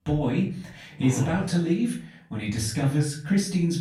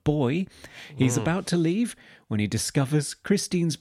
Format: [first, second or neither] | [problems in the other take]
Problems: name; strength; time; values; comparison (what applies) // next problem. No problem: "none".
second | off-mic speech; far // room echo; slight; dies away in 0.4 s